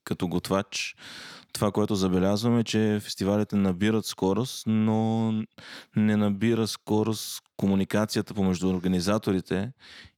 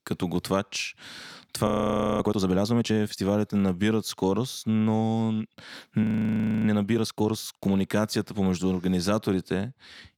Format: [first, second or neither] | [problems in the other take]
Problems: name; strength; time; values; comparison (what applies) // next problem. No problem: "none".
first | audio freezing; at 1.5 s for 0.5 s and at 6 s for 0.5 s